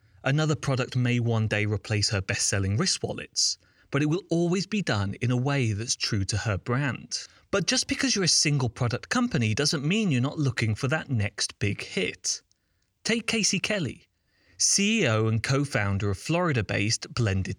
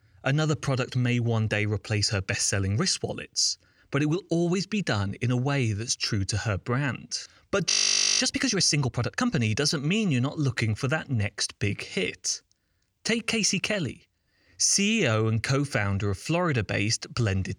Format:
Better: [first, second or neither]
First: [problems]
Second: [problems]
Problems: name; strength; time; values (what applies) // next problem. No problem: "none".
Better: first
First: none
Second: audio freezing; at 7.5 s